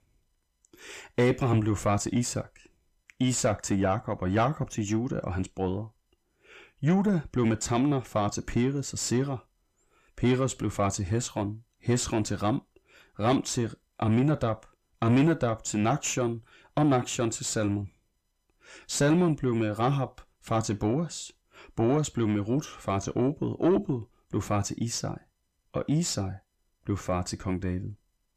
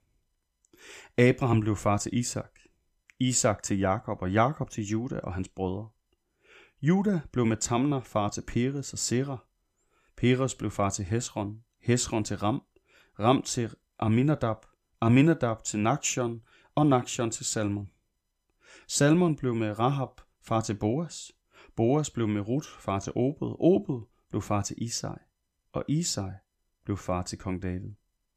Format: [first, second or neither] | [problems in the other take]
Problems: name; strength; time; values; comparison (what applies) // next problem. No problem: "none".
second | distortion; slight; 10 dB below the speech